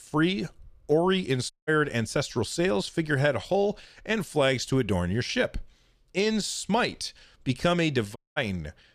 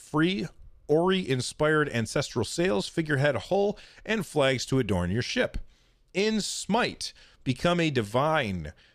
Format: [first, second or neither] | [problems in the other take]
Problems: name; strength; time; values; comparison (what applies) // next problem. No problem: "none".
second | audio cutting out; at 1.5 s and at 8 s